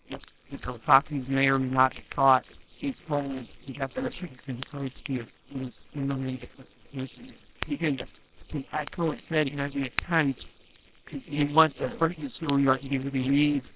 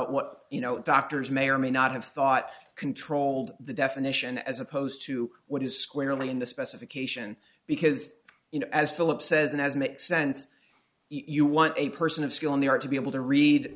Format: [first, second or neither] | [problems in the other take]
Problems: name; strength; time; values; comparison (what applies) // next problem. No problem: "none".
second | noise reduction (neural separator model SepFormer WHAMR!)